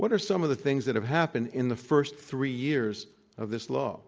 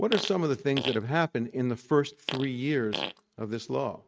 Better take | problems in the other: first | noise reduction (neural mask model RNNoise)

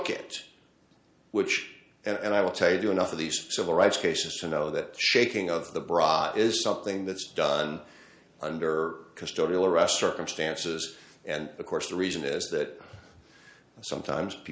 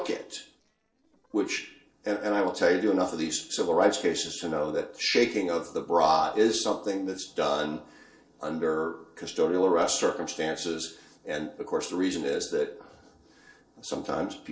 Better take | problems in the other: first | noise reduction (neural separator model SepFormer DNS4)

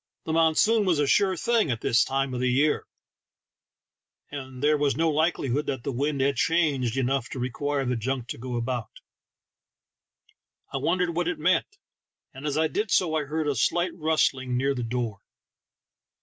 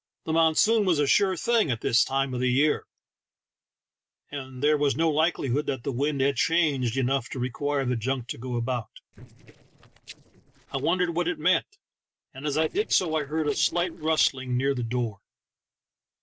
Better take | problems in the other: first | noise reduction (neural separator model SepFormer DNS4)

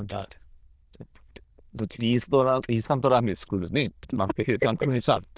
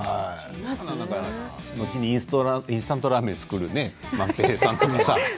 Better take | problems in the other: second | noise reduction (neural diffusion model UNIVERSE++)

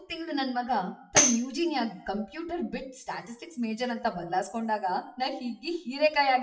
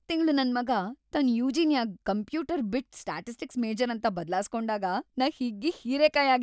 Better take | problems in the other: second | noise reduction (classical method WPE with log-MMSE)

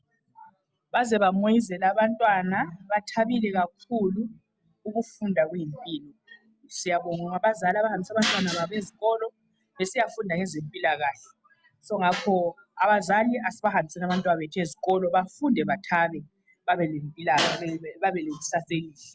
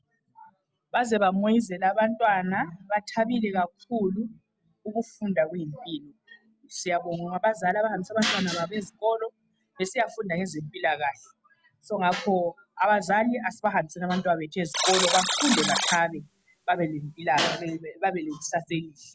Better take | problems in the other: first | background sound (Alarm); 1 dB below the speech

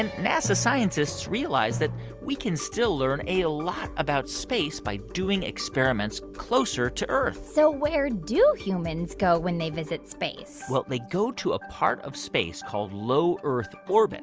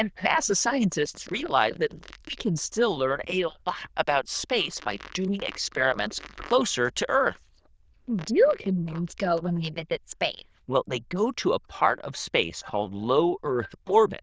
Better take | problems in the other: first | noise reduction (neural diffusion model UNIVERSE++)

